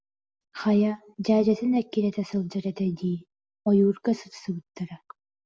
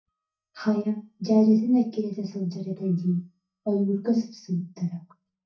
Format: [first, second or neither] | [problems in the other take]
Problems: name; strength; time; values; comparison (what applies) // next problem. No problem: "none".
first | noise reduction (neural mask model DeepFilterNet 3)